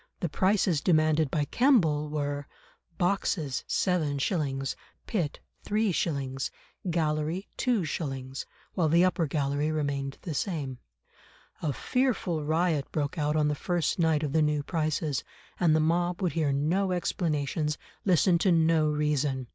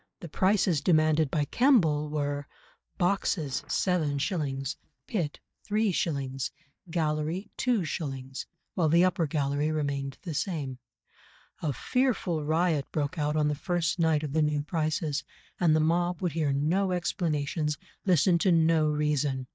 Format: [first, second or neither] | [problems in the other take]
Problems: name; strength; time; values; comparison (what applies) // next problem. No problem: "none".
first | noise reduction (neural mask model DeepFilterNet 3)